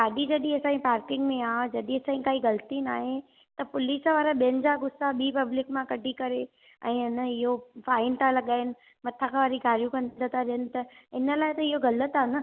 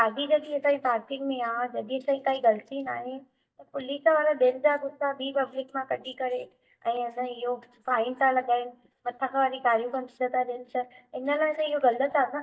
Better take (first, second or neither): first